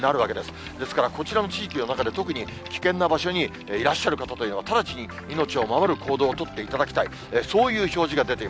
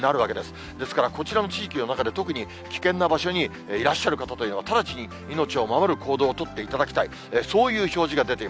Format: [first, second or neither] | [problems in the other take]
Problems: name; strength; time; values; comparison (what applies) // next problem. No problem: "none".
second | background sound (Boat, Water vehicle); 17 dB below the speech